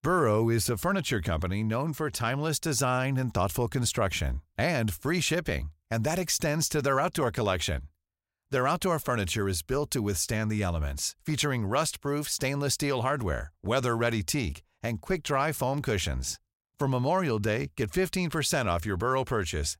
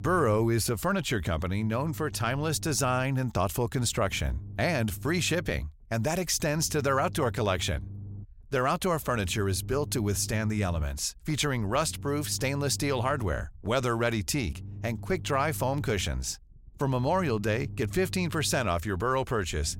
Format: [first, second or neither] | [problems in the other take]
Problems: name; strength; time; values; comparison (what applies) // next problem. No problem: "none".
first | low rumble; faint; throughout; 25 dB below the speech